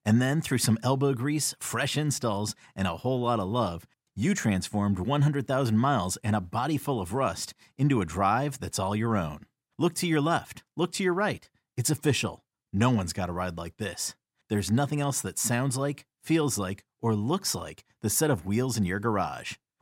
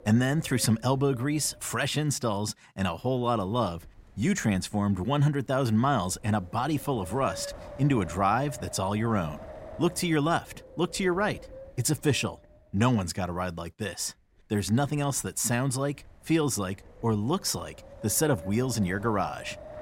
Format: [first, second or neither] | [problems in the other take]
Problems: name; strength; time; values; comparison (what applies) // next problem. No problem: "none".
first | wind noise on the microphone; occasional gusts; 15 dB below the speech